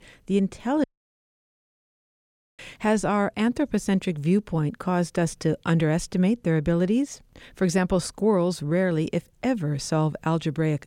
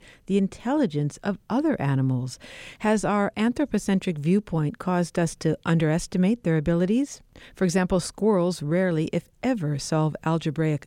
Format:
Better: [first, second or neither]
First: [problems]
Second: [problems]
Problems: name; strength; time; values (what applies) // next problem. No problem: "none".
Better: second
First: audio cutting out; at 1 s for 2 s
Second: none